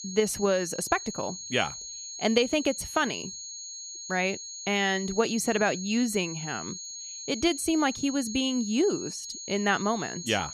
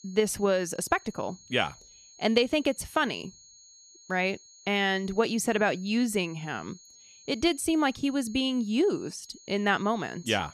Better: second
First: high-pitched whine; loud; throughout; 6.5 kHz, 9 dB below the speech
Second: high-pitched whine; faint; throughout; 6.5 kHz, 25 dB below the speech

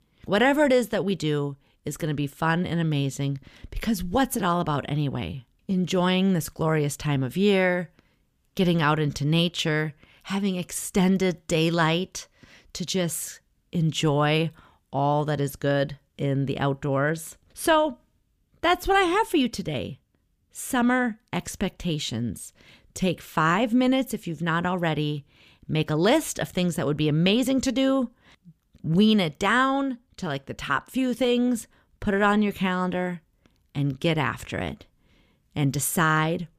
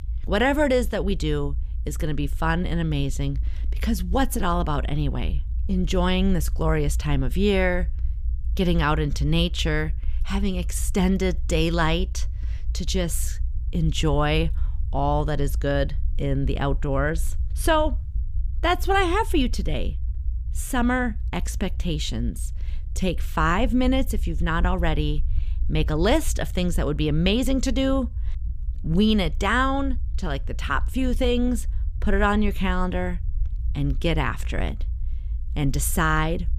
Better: first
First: none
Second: low rumble; faint; throughout; 25 dB below the speech

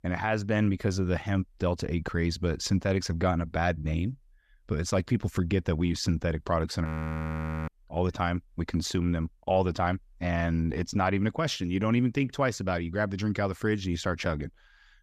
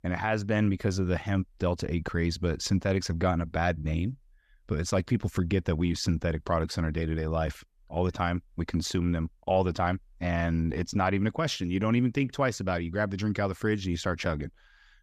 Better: second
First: audio freezing; at 7 s for 1 s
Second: none

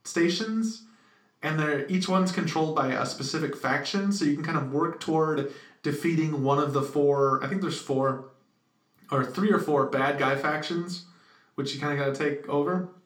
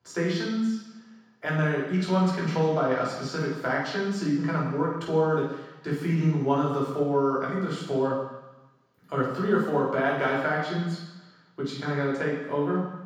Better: first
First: room echo; slight; dies away in 0.4 s // off-mic speech; somewhat distant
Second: room echo; strong; dies away in 1.1 s // off-mic speech; far

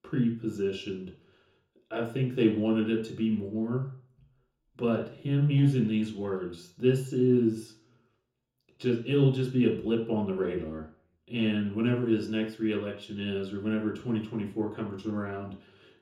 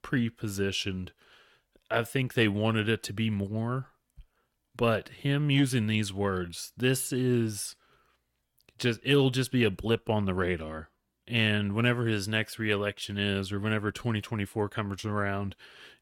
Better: second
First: room echo; slight; dies away in 0.6 s // off-mic speech; far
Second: none

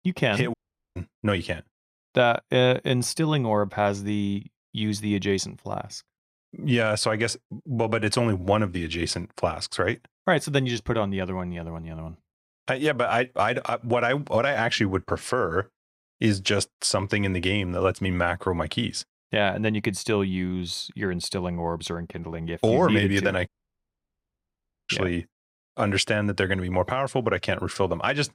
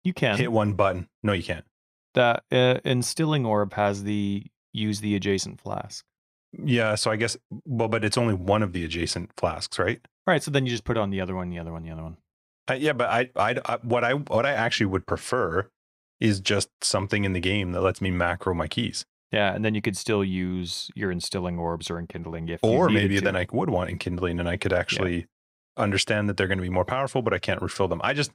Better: second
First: audio cutting out; at 0.5 s and at 23 s for 1.5 s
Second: none

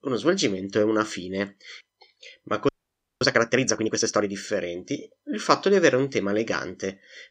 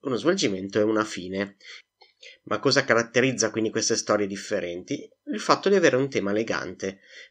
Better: second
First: audio freezing; at 2.5 s for 0.5 s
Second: none

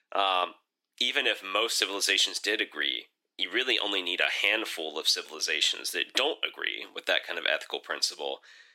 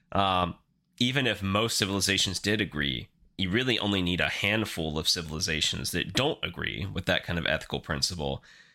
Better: second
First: thin; very; fading below 350 Hz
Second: none

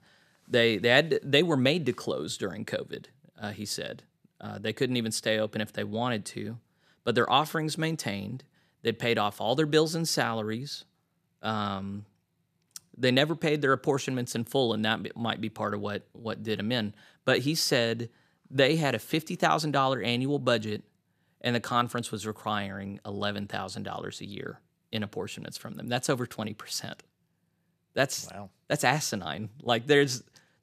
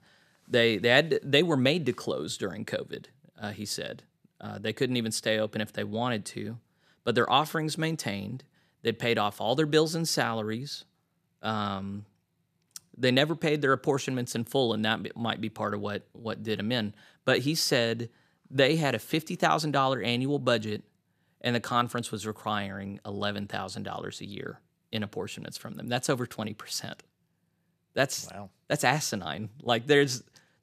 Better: neither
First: none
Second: none

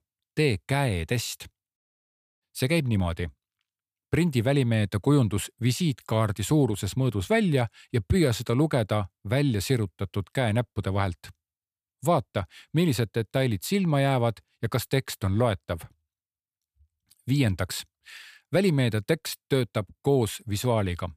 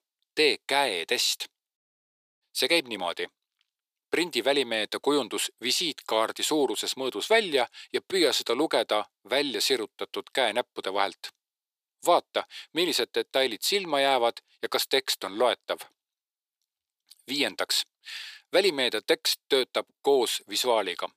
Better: first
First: none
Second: thin; very; fading below 350 Hz

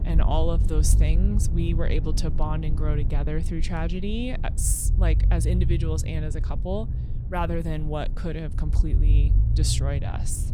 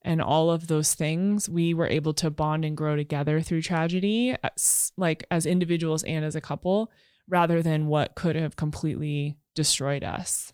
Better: second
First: low rumble; loud; throughout; 9 dB below the speech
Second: none

